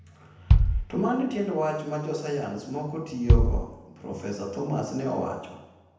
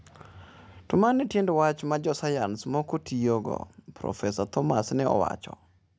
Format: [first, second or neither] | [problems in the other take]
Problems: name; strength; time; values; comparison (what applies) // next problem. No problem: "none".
second | background sound (Bass drum); 5 dB above the speech // room echo; dies away in 0.9 s